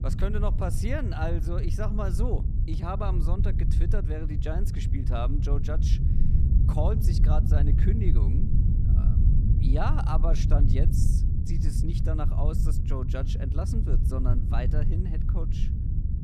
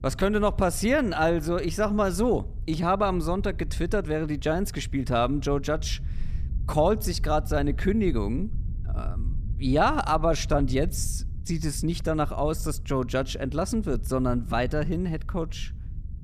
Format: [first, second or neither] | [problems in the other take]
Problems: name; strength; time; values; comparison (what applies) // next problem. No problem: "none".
second | low rumble; loud; throughout; 5 dB below the speech; faint in the second